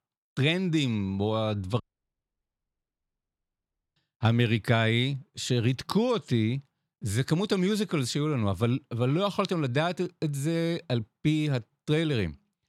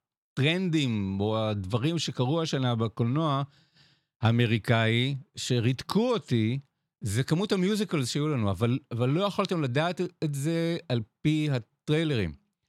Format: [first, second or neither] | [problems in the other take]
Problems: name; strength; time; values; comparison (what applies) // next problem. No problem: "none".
second | audio cutting out; at 2 s for 2 s